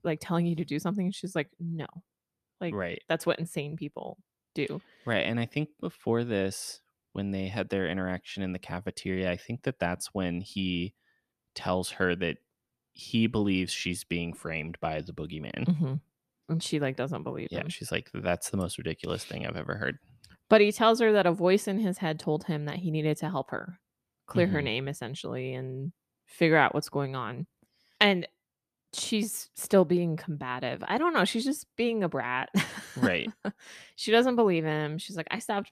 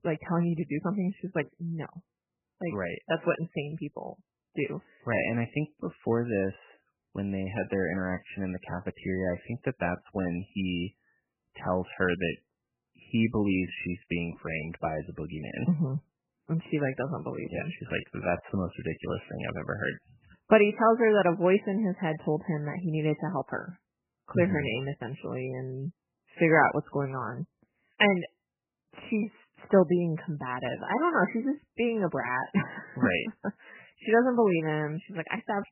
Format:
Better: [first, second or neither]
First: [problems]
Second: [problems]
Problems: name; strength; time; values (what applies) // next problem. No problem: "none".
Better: first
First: none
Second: garbled, watery; badly; nothing above 3 kHz